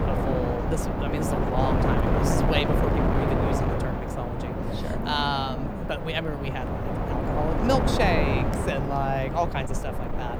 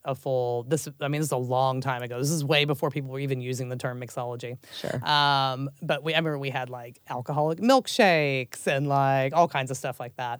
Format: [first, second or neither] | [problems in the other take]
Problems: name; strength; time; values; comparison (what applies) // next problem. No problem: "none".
second | wind noise on the microphone; heavy; as loud as the speech